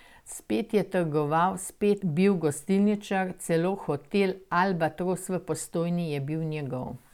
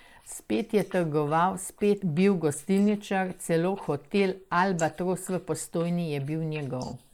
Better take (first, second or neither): first